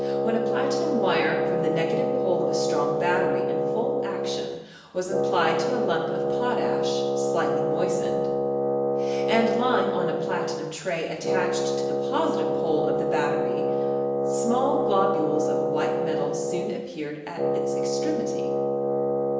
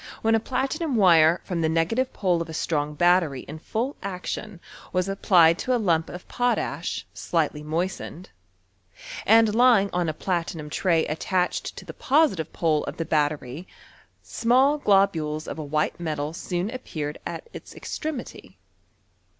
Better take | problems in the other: second | background sound (Wind instrument, woodwind instrument); 4 dB above the speech // room echo; dies away in 1 s

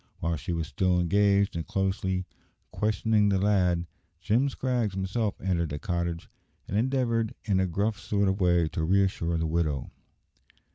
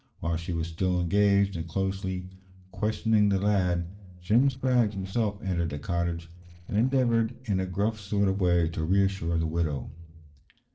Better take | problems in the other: first | noise reduction (neural separator model SepFormer DNS4)

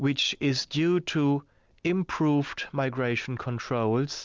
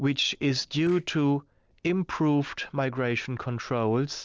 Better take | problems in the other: first | noise reduction (neural separator model SepFormer DNS4)

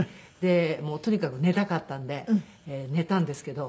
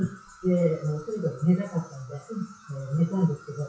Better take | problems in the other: first | noise reduction (classical method WPE with log-MMSE)

